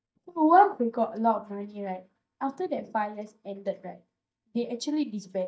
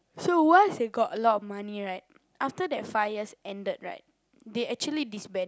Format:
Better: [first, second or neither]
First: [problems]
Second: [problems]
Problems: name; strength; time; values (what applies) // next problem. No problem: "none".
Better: second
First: noise reduction (neural mask model DeepFilterNet 3)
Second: none